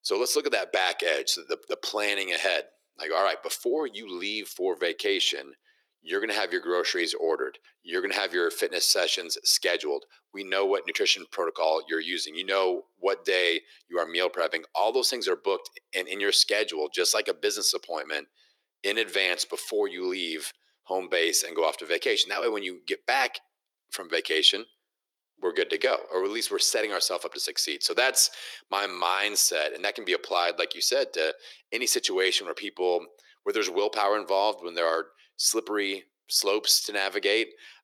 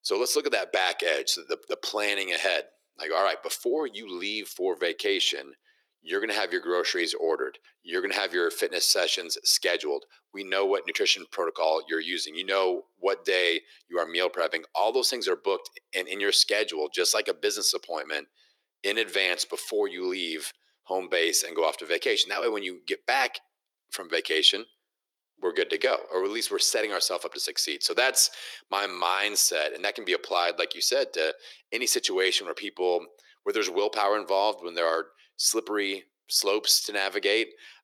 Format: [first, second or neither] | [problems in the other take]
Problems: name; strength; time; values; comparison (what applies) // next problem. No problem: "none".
neither | thin; very; fading below 350 Hz; the same in both